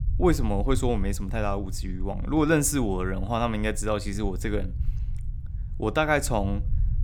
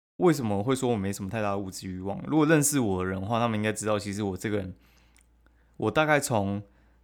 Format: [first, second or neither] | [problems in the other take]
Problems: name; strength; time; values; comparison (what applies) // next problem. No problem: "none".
second | low rumble; faint; throughout; 25 dB below the speech